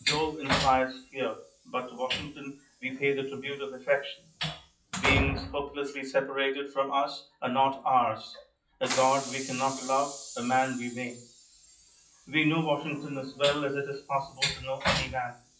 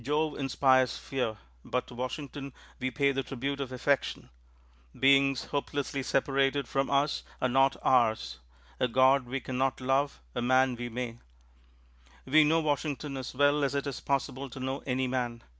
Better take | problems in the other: second | noise reduction (classical method WPE with log-MMSE)

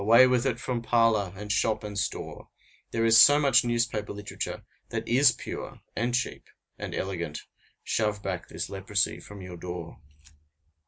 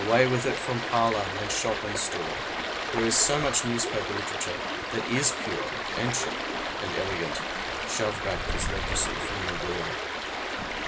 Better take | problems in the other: first | background sound (Stream); 1 dB below the speech

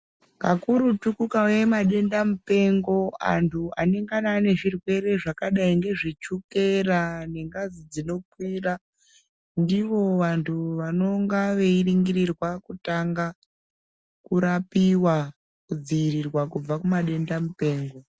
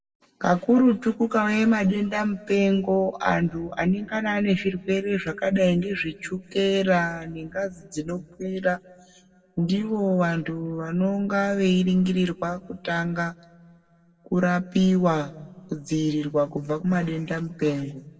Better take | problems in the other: first | room echo; dies away in 1.4 s

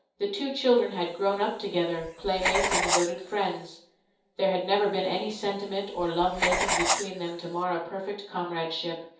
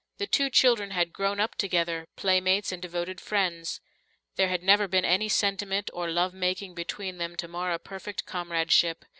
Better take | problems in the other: second | background sound (Writing); 4 dB below the speech // room echo; dies away in 0.6 s

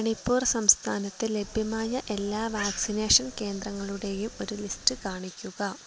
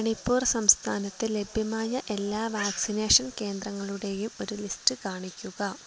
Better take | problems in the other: second | background sound (Subway, metro, underground); 19 dB below the speech

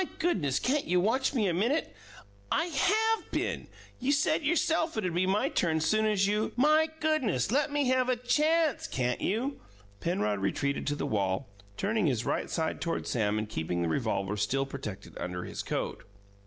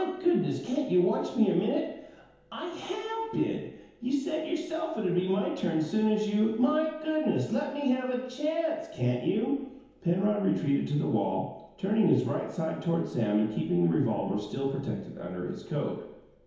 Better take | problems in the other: first | room echo; dies away in 1 s

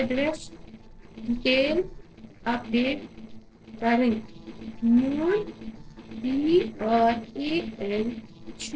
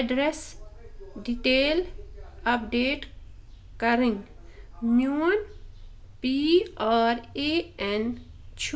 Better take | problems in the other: second | noise reduction (neural separator model SepFormer DNS4)

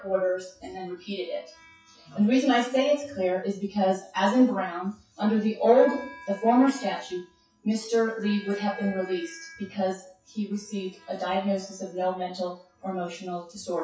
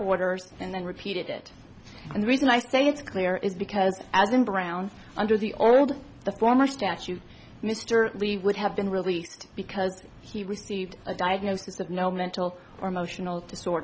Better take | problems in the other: second | noise reduction (classical method WPE with log-MMSE)

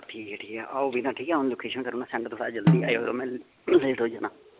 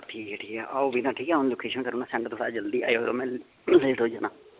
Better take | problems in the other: second | background sound (Snare drum); as loud as the speech

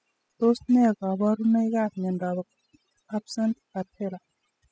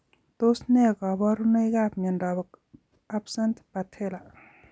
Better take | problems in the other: second | noise reduction (classical method spectral subtraction)

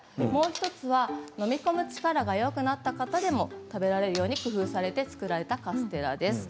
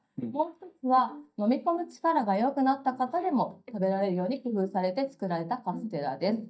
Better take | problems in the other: first | noise reduction (neural mask model DeepFilterNet 3)

